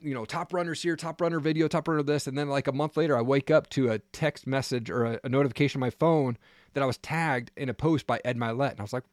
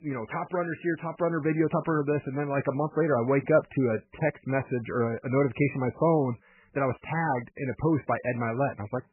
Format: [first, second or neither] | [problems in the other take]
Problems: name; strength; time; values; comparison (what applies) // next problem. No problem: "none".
first | garbled, watery; badly; nothing above 2.5 kHz